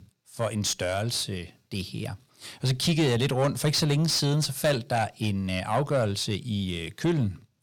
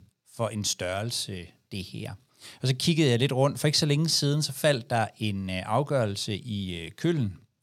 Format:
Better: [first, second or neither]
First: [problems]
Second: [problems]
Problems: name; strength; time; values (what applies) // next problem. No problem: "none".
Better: second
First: distortion; slight; 10 dB below the speech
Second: none